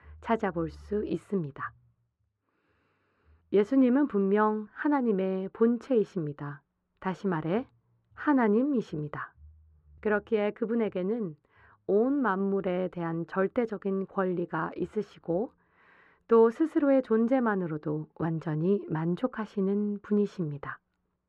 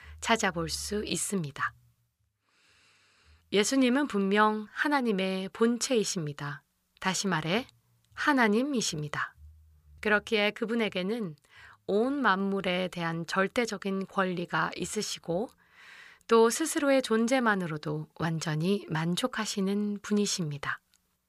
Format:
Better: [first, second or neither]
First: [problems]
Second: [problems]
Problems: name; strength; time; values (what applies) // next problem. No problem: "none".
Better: second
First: muffled; very; fading above 3 kHz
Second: none